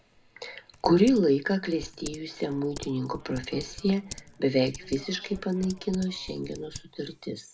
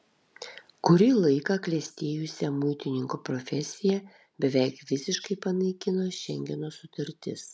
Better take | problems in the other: second | background sound (Typing); 17 dB below the speech // room echo; dies away in 0.2 s

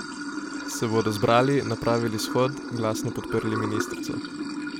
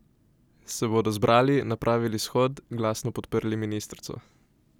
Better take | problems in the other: second | background sound (Sink (filling or washing) / Water); 6 dB below the speech

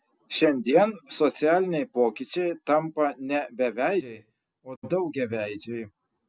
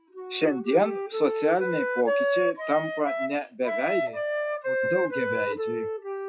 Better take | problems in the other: first | noise reduction (classical method log-MMSE)

